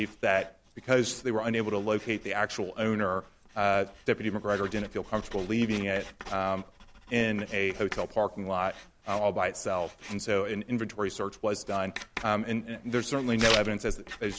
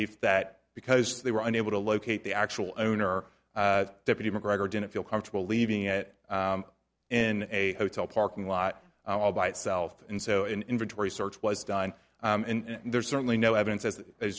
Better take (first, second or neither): second